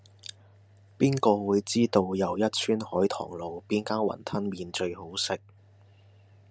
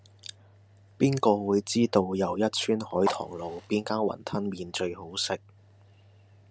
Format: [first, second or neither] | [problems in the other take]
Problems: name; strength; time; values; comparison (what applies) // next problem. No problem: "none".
first | background sound (Fire); 17 dB below the speech